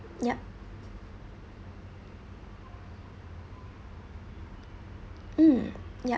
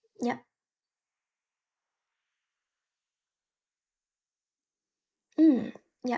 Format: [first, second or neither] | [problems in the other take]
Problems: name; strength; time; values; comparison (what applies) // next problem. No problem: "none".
first | noise reduction (neural mask model Resemble Enhance denoiser)